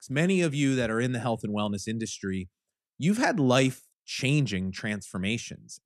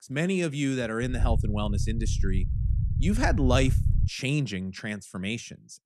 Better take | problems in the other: first | low rumble; noticeable; from 1 to 4 s; 15 dB below the speech

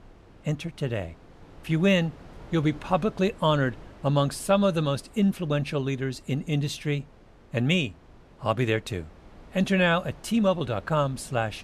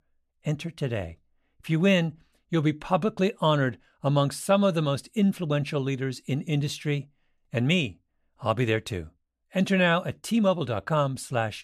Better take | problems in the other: second | wind noise on the microphone; occasional gusts; 25 dB below the speech

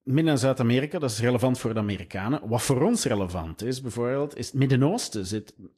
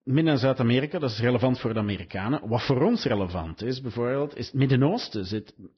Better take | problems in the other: first | garbled, watery; badly; nothing above 5.5 kHz; slightly in the first

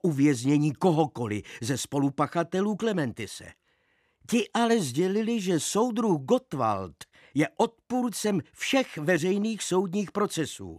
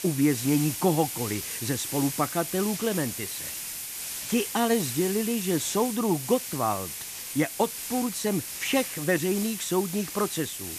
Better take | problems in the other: first | hiss; loud; throughout; 5 dB below the speech

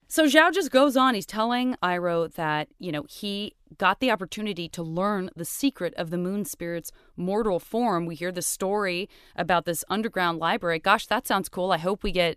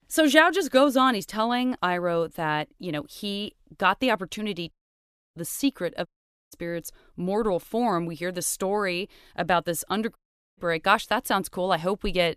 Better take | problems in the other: first | audio cutting out; at 4.5 s for 0.5 s, at 6 s and at 10 s

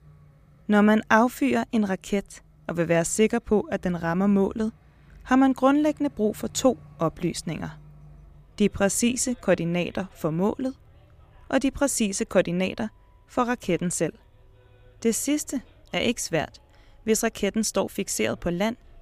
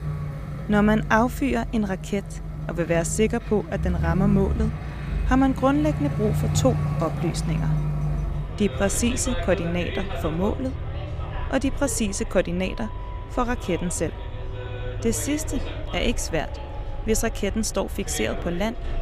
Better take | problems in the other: first | traffic noise; loud; throughout; 5 dB below the speech; faint in the first

